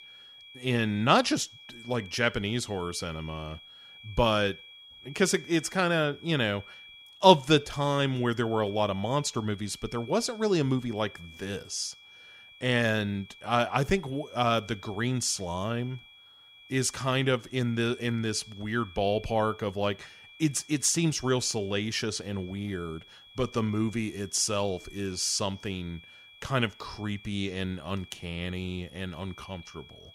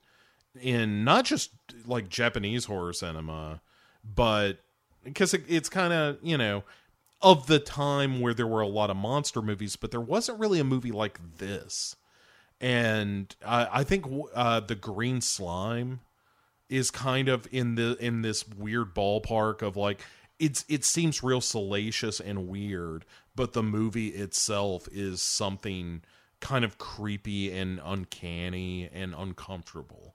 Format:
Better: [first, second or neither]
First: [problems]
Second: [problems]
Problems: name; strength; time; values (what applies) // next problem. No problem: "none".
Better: second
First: high-pitched whine; noticeable; throughout; 3.5 kHz, 20 dB below the speech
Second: none